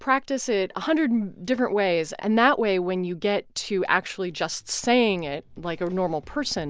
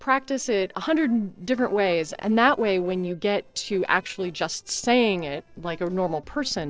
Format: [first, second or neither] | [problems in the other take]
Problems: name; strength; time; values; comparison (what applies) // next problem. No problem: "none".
first | noise reduction (neural separator model SepFormer DNS4)